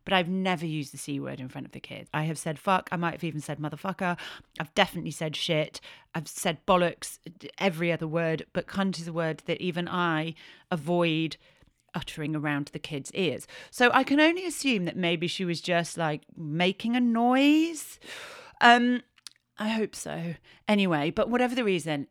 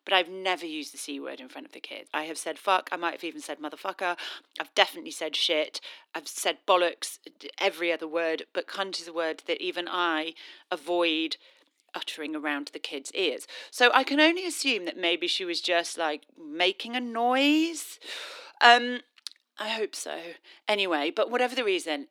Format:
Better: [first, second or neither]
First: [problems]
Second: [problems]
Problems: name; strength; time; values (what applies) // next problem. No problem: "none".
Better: first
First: none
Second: thin; somewhat; fading below 300 Hz